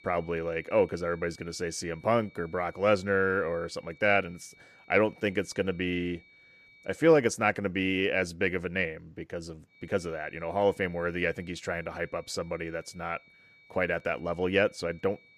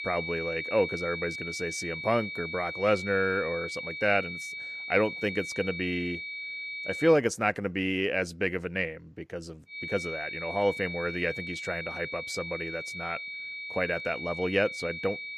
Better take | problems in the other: first | high-pitched whine; loud; until 7 s and from 9.5 s on; 2.5 kHz, 6 dB below the speech; faint in the first

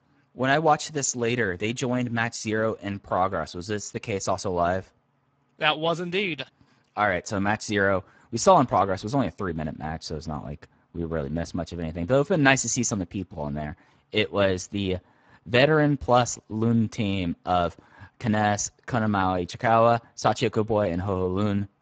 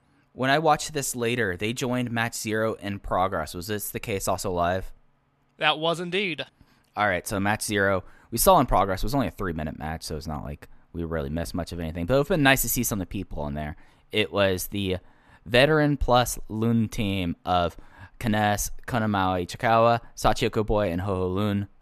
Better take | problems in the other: second | garbled, watery; badly; nothing above 7.5 kHz

